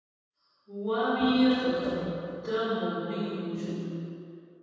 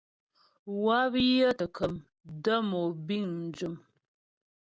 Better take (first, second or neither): second